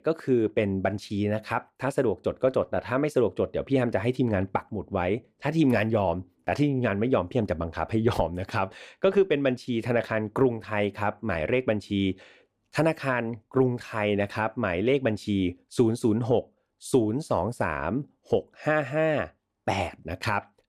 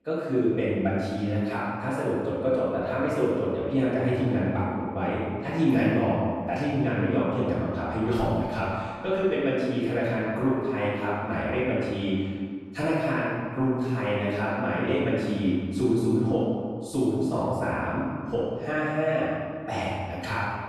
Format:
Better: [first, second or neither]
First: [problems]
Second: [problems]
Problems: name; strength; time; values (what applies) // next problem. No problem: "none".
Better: first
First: none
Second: off-mic speech; far // room echo; strong; dies away in 1.7 s